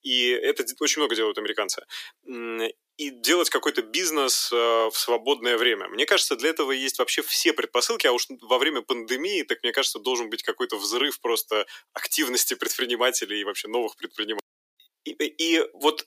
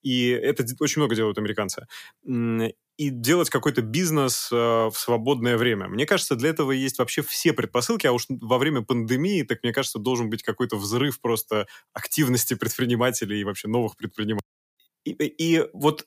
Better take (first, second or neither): second